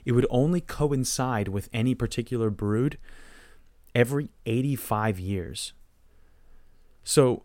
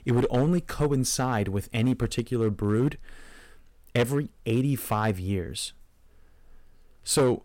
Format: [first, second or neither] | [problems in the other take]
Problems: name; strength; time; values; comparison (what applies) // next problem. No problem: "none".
first | distortion; slight; 4% of the sound clipped